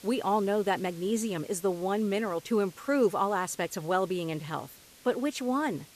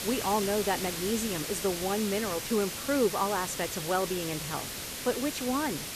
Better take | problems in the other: first | hiss; loud; throughout; 4 dB below the speech; faint in the first

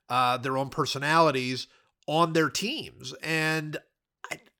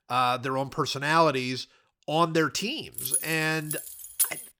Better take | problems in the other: first | jangling keys; loud; from 3 s on; peak level with the speech

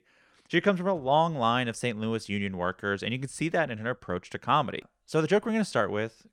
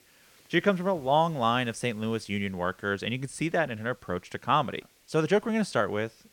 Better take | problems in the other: first | hiss; faint; throughout; 30 dB below the speech

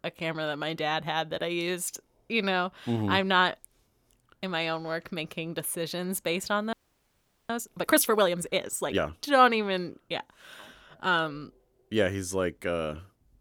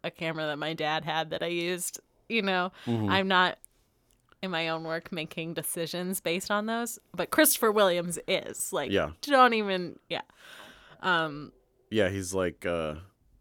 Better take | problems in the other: second | audio freezing; at 6.5 s for 1 s

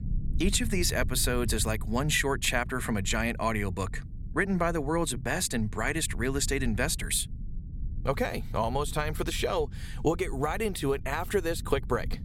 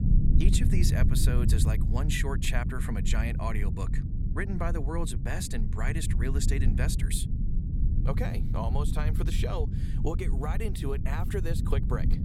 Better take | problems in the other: first | low rumble; loud; throughout; 6 dB below the speech; faint in the first

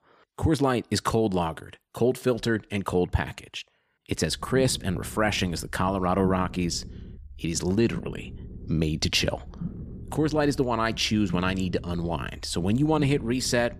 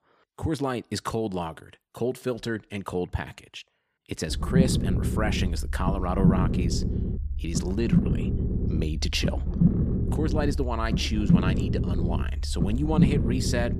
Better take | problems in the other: first | low rumble; loud; from 4.5 s on; 3 dB below the speech; faint in the first

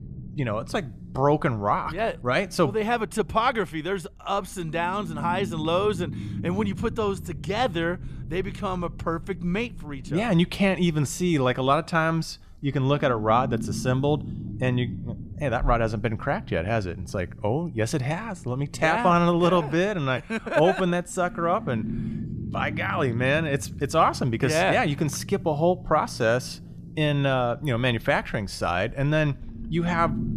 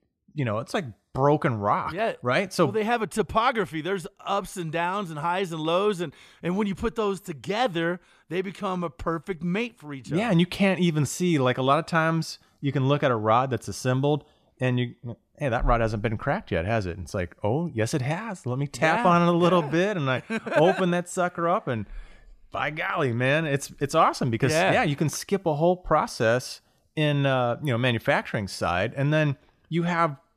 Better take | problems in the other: second | low rumble; faint; throughout; 20 dB below the speech

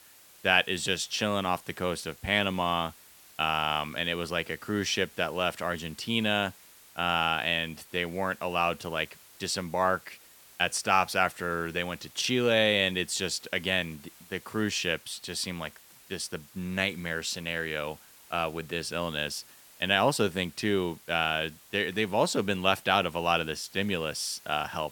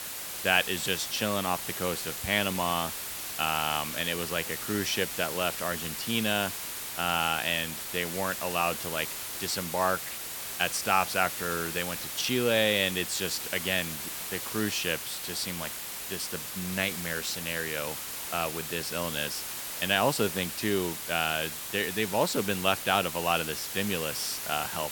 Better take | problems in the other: first | hiss; loud; throughout; 4 dB below the speech; faint in the first

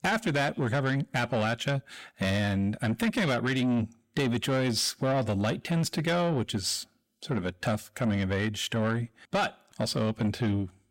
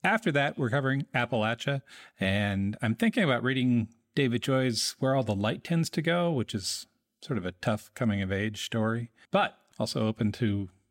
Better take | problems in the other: second | distortion; slight; 10 dB below the speech

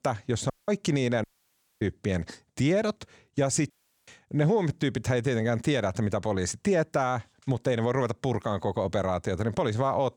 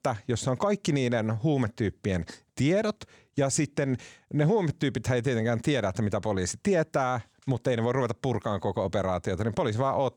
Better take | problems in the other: second | audio cutting out; at 0.5 s, at 1 s for 0.5 s and at 3.5 s

